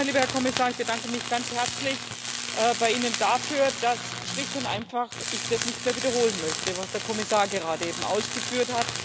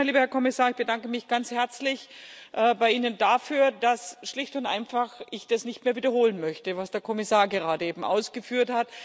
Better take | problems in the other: second | background sound (Tools); 5 dB below the speech

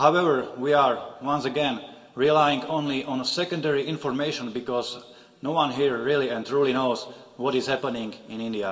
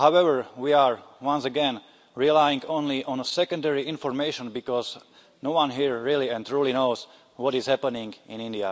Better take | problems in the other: second | room echo; dies away in 1.4 s

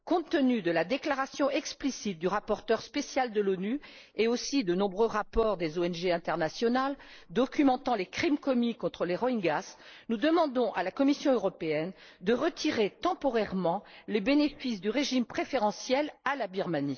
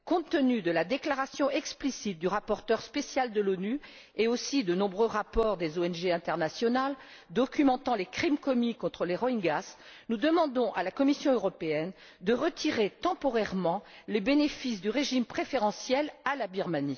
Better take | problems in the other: second | noise reduction (neural mask model Resemble Enhance denoiser)

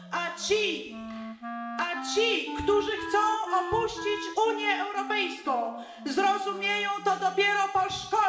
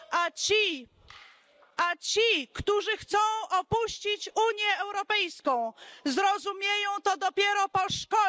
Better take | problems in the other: second | background sound (Wind instrument, woodwind instrument); 11 dB below the speech // room echo; dies away in 1.1 s

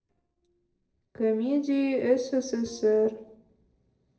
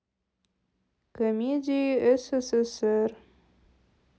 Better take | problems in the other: second | noise reduction (neural separator model SepFormer DNS4)

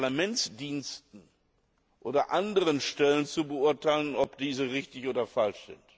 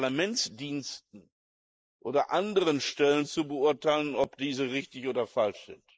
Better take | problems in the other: first | noise reduction (neural mask model Resemble Enhance denoiser)

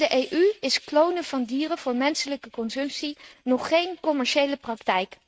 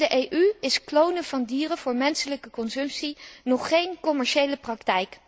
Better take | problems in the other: second | noise reduction (neural mask model RNNoise)

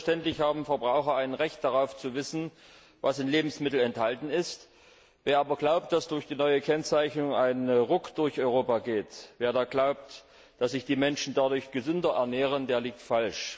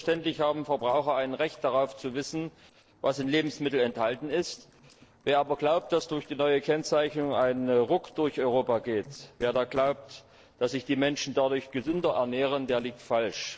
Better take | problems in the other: first | noise reduction (neural separator model SepFormer DNS4)

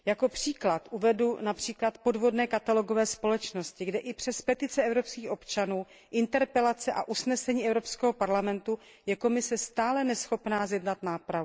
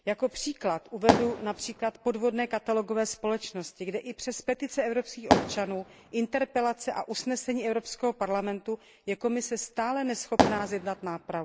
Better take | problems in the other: first | background sound (Fireworks); 2 dB above the speech

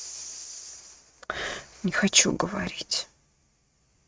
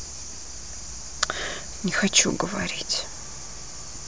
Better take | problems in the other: second | noise reduction (neural mask model RNNoise)

